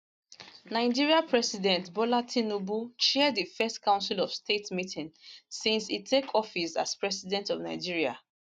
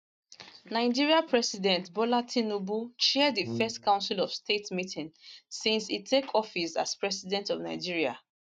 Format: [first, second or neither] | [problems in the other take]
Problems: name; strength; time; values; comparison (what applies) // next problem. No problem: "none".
first | noise reduction (neural mask model RNNoise)